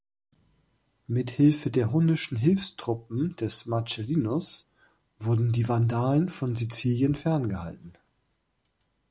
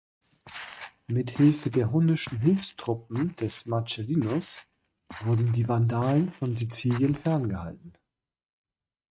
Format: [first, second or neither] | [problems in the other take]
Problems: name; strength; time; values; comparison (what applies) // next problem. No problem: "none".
first | noise reduction (neural mask model RNNoise)